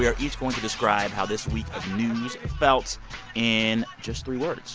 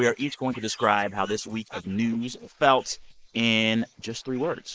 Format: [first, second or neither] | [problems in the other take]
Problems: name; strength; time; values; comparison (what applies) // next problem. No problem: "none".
first | noise reduction (neural mask model Resemble Enhance denoiser)